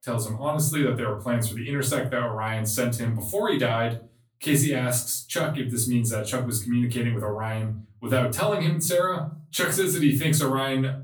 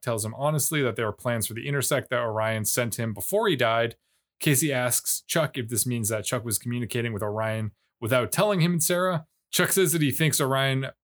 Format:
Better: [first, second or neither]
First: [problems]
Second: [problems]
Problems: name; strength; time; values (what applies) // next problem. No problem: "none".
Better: second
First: off-mic speech; far // room echo; slight; dies away in 0.3 s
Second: none